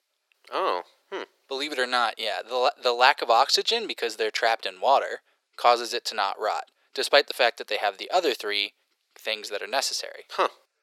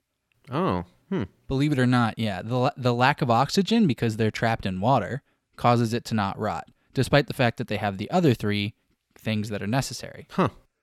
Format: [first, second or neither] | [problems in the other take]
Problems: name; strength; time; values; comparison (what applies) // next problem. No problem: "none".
second | thin; very; fading below 400 Hz